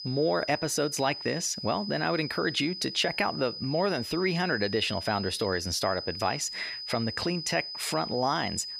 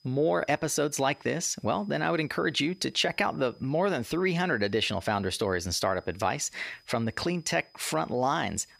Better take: second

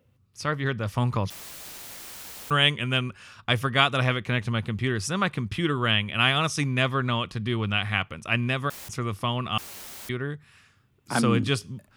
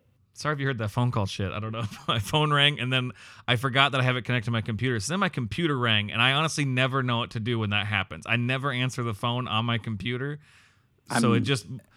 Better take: second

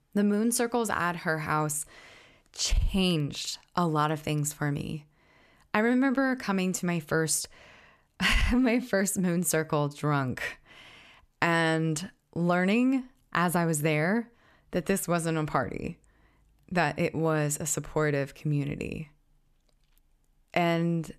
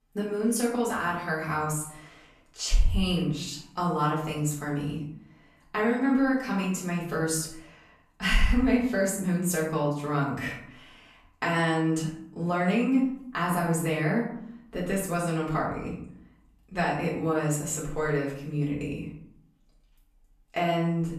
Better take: first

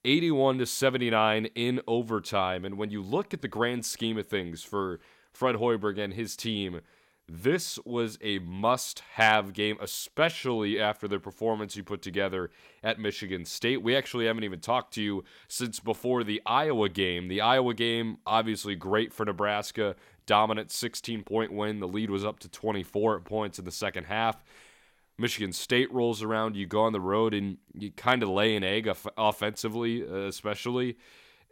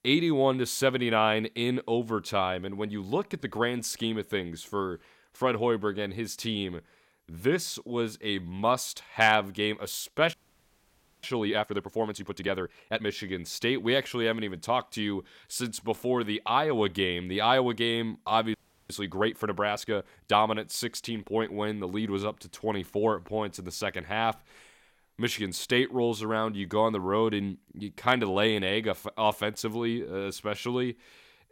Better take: first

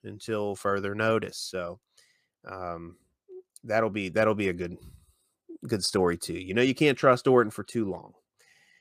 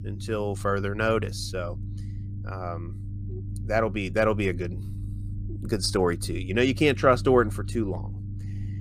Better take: first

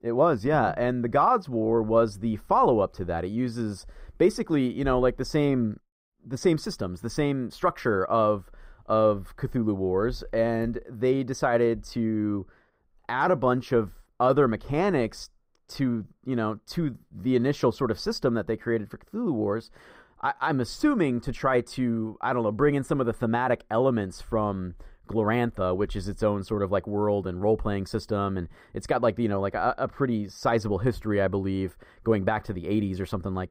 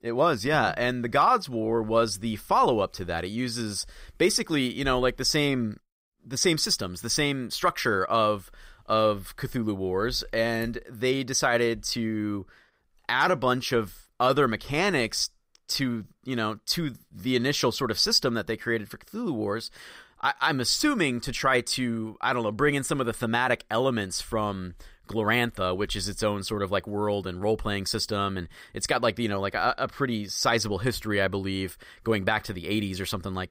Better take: second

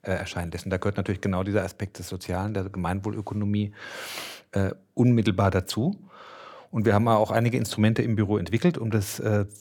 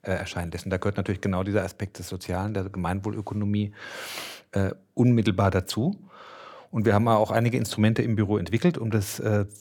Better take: neither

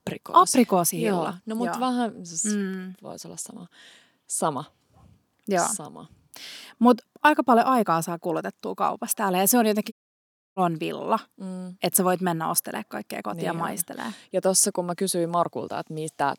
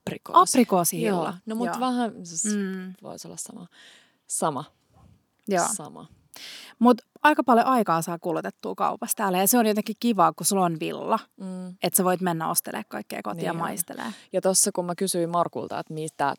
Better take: second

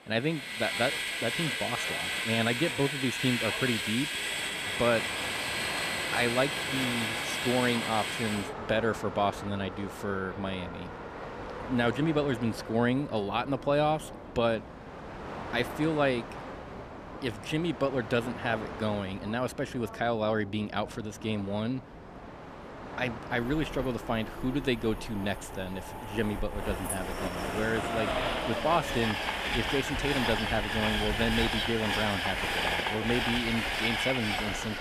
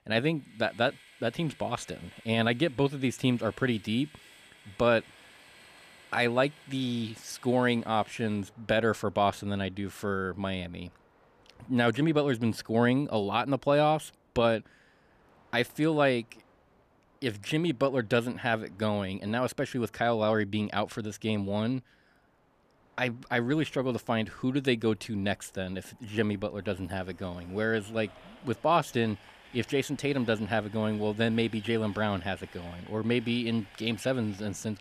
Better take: second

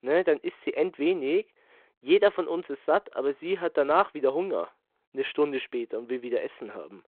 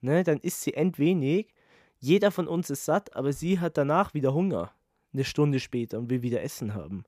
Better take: second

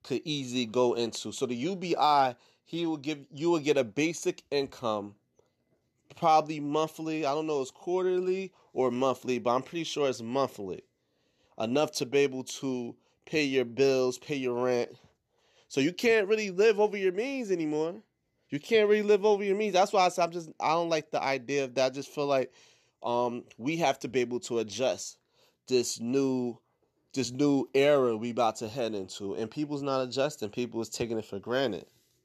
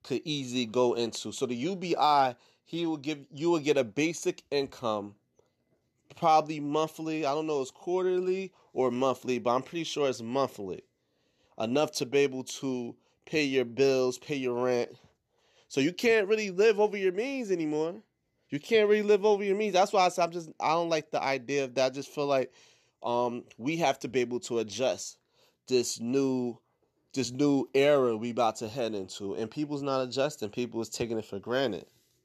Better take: neither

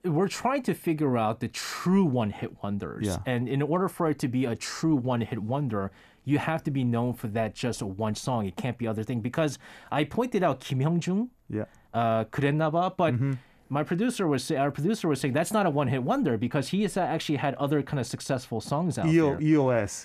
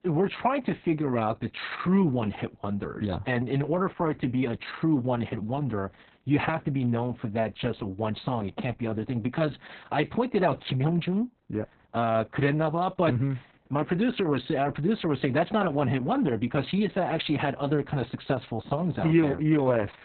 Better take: first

